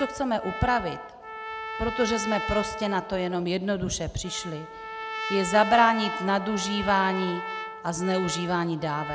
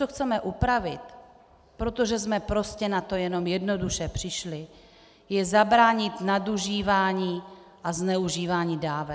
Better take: second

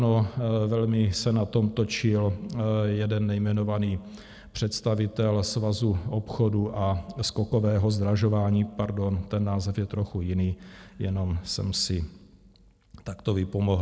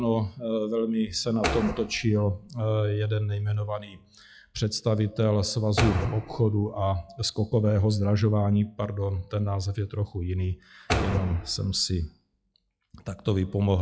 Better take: first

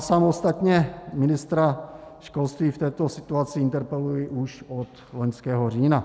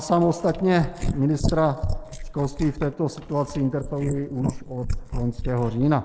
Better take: first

